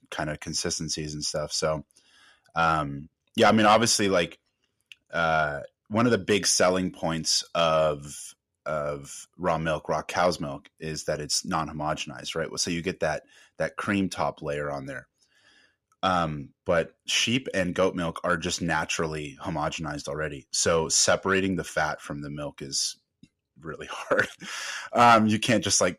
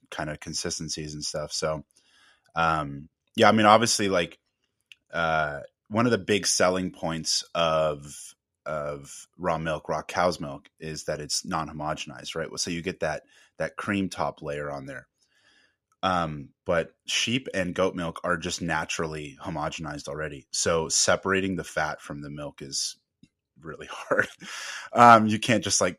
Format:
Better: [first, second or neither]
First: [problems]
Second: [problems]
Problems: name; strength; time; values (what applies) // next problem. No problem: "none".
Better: second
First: distortion; slight; 10 dB below the speech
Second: none